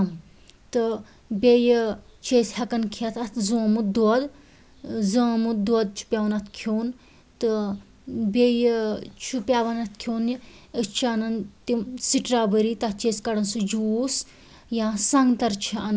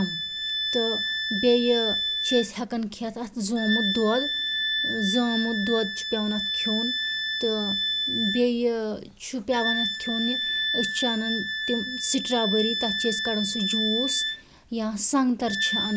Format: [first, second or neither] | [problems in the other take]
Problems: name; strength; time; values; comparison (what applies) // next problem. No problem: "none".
first | background sound (Wind instrument, woodwind instrument); 2 dB below the speech